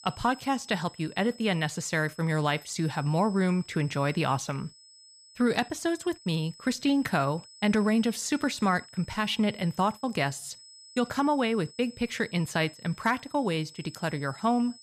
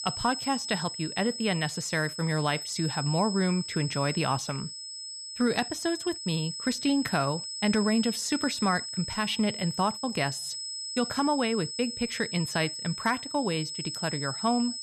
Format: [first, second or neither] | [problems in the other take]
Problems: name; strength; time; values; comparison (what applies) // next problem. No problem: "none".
first | high-pitched whine; loud; throughout; 5 kHz, 5 dB below the speech; faint in the first